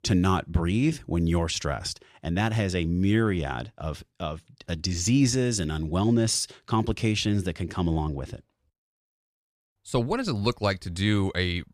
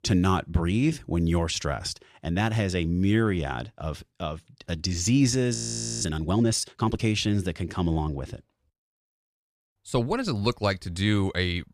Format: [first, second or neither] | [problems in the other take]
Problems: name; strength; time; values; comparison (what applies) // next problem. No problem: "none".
first | audio freezing; at 5.5 s